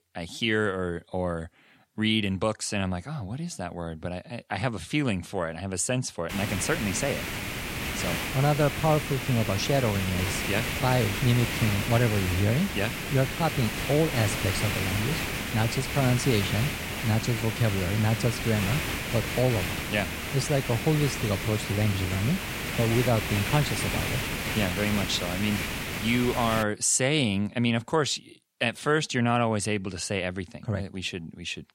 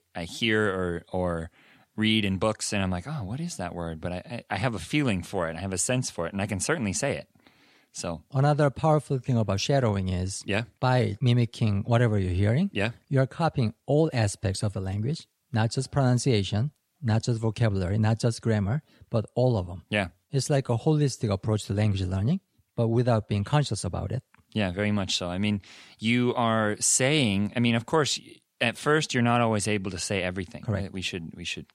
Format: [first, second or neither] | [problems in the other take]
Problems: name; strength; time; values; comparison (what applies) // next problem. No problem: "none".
second | hiss; loud; from 6.5 to 27 s; 3 dB below the speech